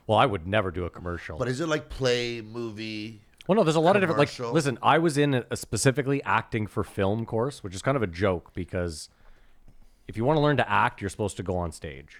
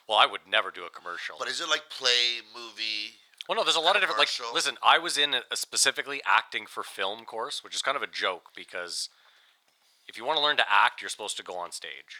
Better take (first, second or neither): first